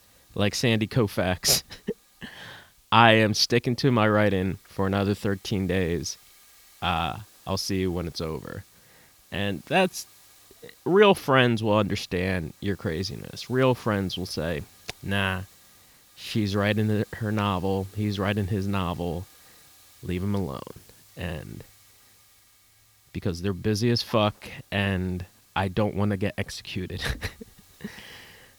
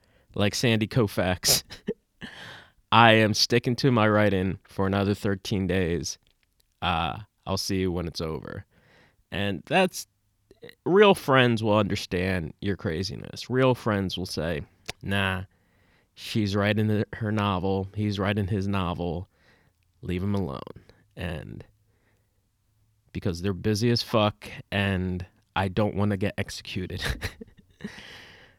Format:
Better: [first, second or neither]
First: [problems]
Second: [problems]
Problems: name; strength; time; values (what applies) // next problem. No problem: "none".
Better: second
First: hiss; faint; throughout; 25 dB below the speech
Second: none